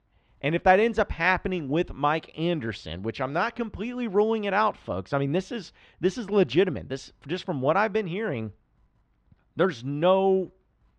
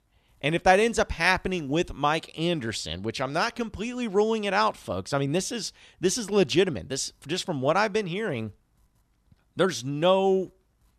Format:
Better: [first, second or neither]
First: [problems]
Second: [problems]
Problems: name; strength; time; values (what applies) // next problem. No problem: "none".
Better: second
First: muffled; slightly; fading above 2.5 kHz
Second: none